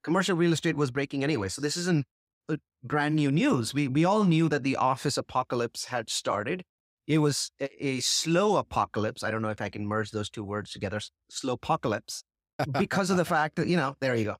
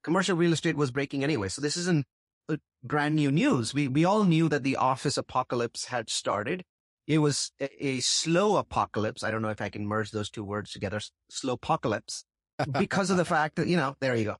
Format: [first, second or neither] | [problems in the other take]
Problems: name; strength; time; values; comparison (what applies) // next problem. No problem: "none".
first | garbled, watery; slightly